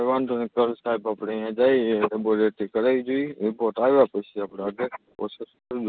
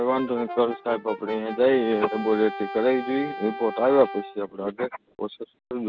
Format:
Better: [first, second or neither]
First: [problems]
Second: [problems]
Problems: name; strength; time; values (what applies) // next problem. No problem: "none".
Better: first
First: none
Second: background sound (Brass instrument); 12 dB below the speech